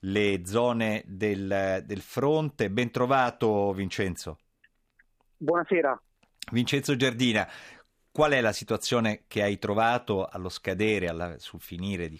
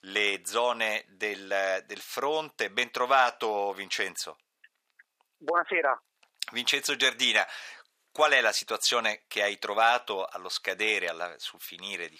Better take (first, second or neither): first